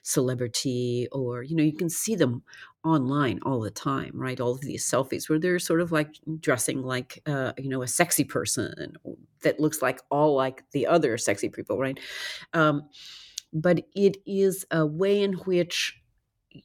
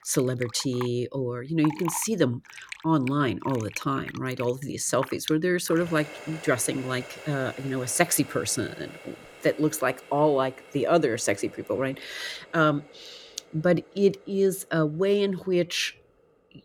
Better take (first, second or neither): first